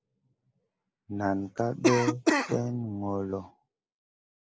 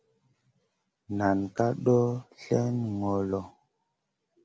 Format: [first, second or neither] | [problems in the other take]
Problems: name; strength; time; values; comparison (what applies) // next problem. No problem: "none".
second | noise reduction (neural mask model Resemble Enhance denoiser)